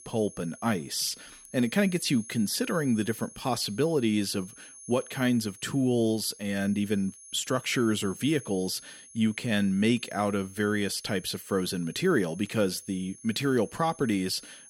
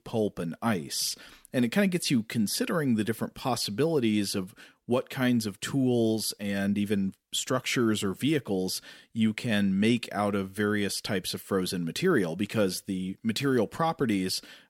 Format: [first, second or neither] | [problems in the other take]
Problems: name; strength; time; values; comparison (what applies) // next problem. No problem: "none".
second | high-pitched whine; noticeable; throughout; 10 kHz, 20 dB below the speech